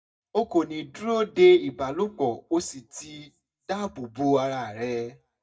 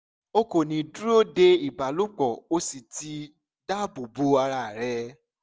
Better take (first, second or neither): second